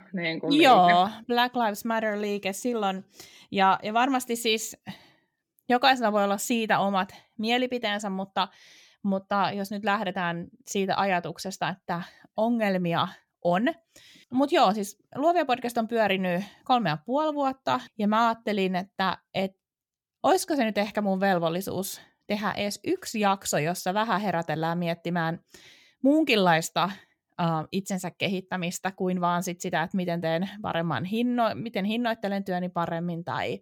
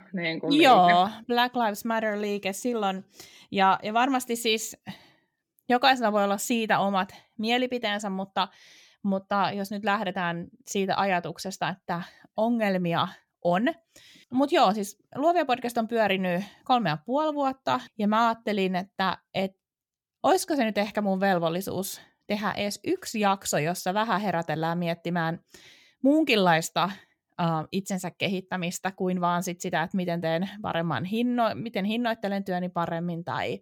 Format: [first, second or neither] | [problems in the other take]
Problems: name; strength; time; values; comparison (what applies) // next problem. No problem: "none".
neither | none